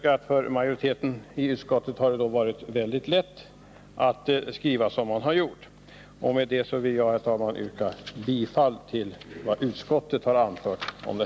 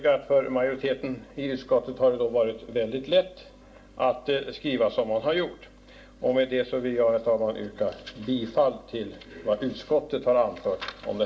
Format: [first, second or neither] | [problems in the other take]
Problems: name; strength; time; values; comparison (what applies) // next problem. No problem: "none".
first | room echo; dies away in 0.4 s